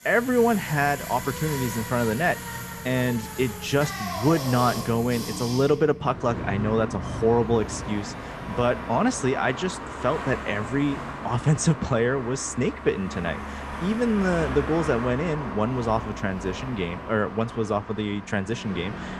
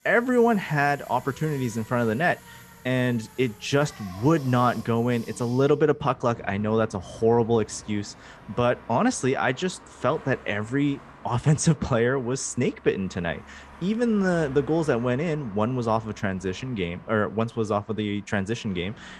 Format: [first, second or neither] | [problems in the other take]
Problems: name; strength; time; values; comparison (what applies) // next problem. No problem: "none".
second | traffic noise; loud; throughout; 9 dB below the speech; faint in the second